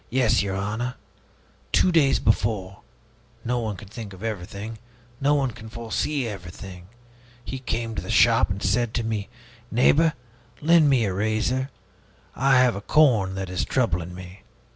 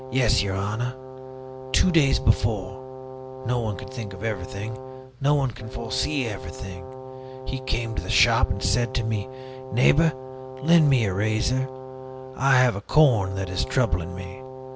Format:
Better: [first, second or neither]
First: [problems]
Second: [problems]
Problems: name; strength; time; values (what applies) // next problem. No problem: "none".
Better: first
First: none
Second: background sound (Brass instrument); 13 dB below the speech